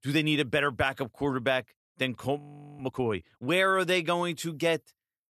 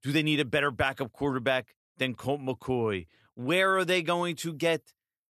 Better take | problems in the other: second | audio freezing; at 2.5 s

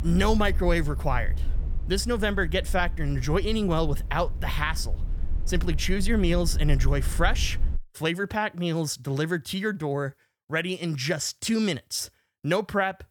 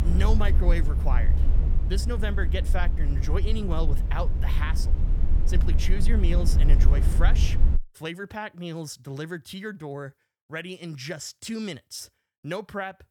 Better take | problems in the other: first | low rumble; loud; until 8 s; 7 dB below the speech; faint in the first

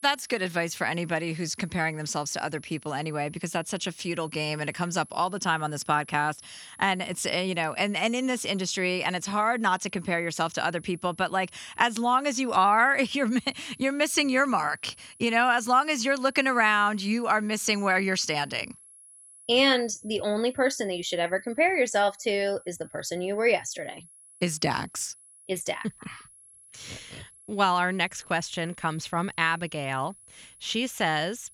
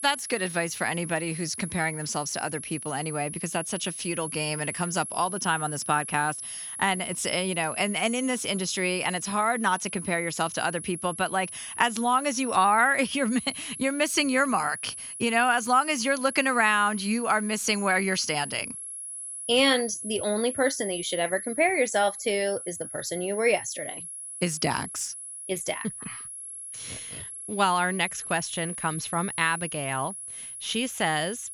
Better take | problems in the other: first | high-pitched whine; loud; throughout; 11 kHz, 9 dB below the speech; faint in the first

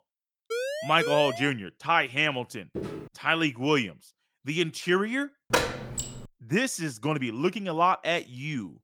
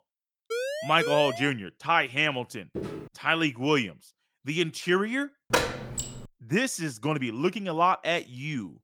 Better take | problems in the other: neither | siren; noticeable; until 1.5 s; peak 5 dB below the speech; the same in both // footsteps; noticeable; at 3 s; peak 10 dB below the speech; the same in both // door banging; loud; at 5.5 s; peak level with the speech; the same in both

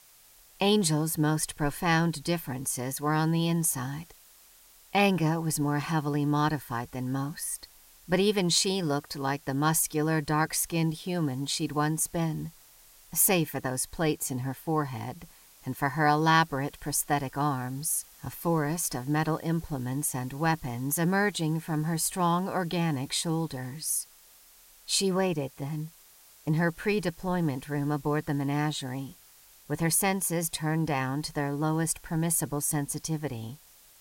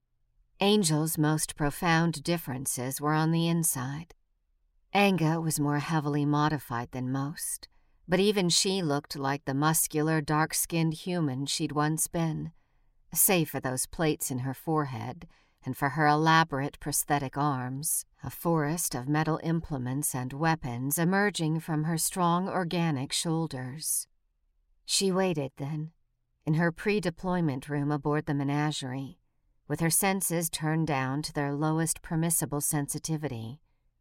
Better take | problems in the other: second | hiss; faint; throughout; 25 dB below the speech

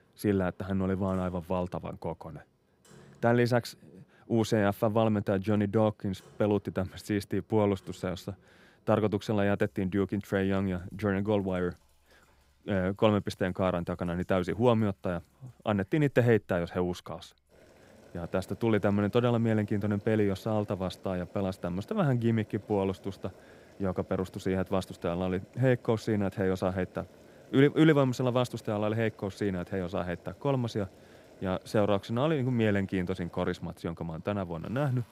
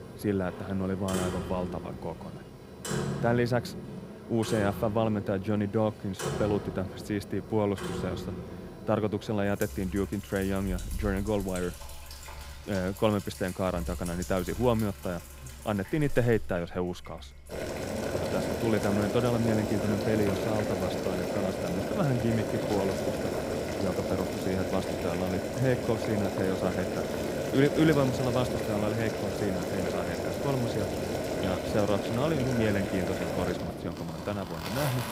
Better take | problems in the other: first | household noises; loud; throughout; 4 dB below the speech; faint in the first

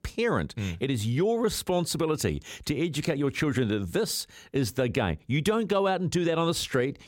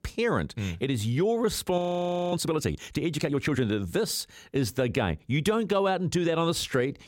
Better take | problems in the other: first | audio freezing; at 2 s for 0.5 s

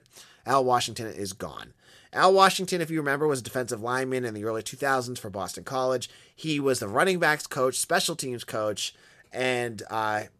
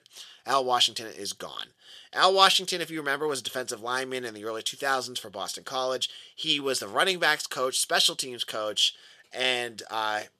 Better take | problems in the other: first | thin; very slightly; fading below 1 kHz

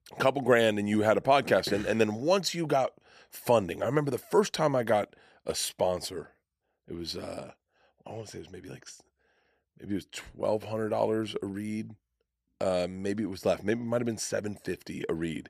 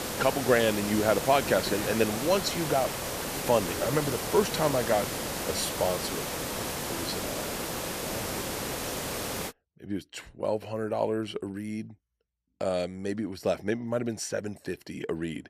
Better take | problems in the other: first | hiss; loud; until 9.5 s; 3 dB below the speech

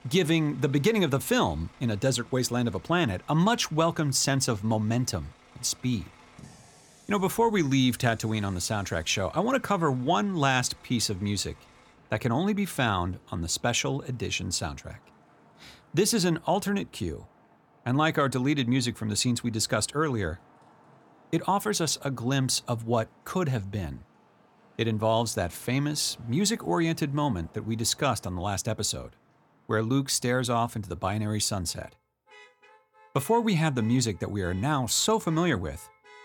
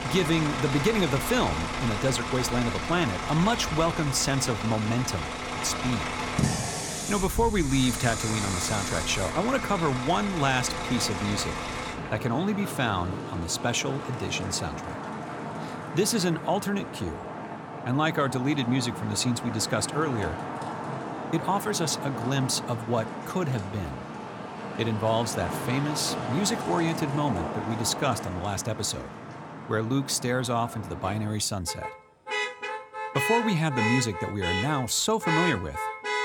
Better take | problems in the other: first | traffic noise; loud; throughout; 5 dB below the speech; faint in the first

